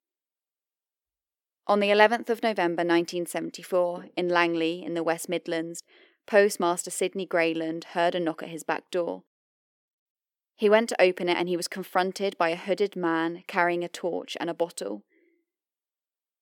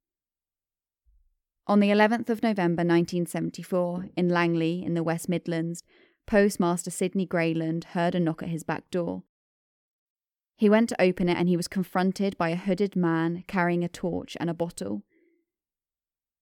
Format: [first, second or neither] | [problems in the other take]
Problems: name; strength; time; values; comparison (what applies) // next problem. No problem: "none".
second | thin; somewhat; fading below 450 Hz